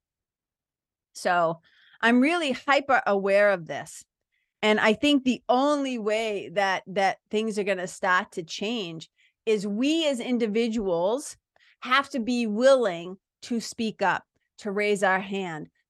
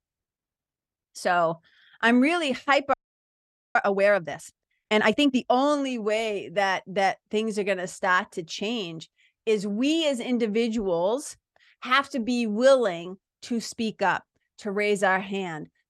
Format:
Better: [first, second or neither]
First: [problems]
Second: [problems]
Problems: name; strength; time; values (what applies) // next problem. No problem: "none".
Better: first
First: none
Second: audio freezing; at 3 s for 1 s